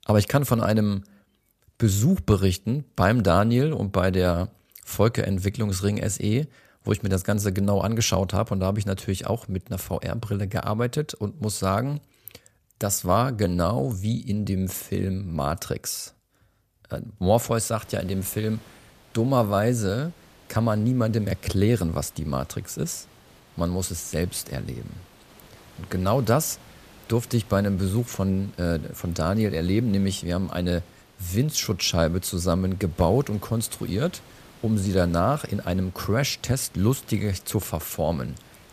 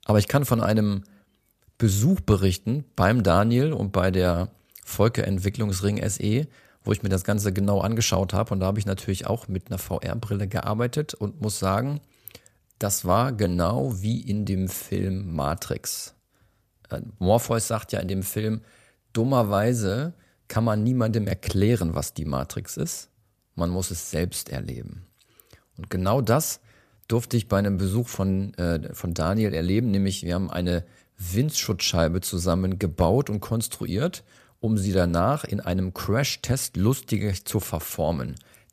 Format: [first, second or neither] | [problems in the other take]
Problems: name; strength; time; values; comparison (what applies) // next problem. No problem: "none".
second | hiss; faint; from 18 s on; 25 dB below the speech